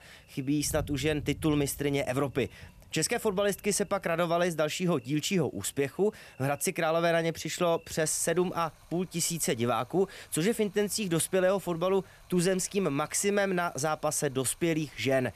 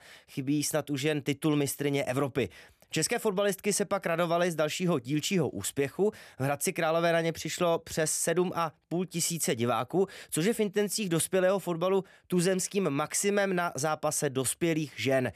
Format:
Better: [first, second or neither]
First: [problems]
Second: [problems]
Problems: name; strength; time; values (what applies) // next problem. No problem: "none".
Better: second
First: rain or running water; faint; throughout; 25 dB below the speech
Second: none